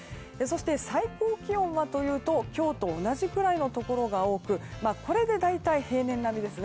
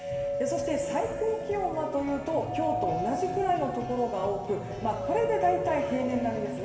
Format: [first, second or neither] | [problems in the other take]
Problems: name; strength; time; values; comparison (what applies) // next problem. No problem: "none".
first | background sound (Doorbell); 5 dB below the speech // room echo; dies away in 2.5 s